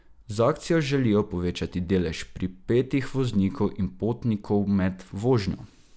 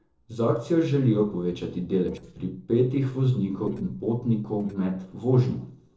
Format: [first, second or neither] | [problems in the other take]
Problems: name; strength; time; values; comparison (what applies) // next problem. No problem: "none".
first | noise reduction (neural separator model SepFormer DNS4)